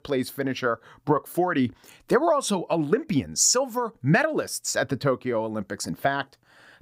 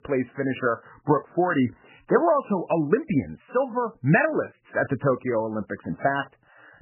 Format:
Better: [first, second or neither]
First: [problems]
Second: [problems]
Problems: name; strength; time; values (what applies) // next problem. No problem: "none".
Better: first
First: none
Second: garbled, watery; badly; nothing above 3 kHz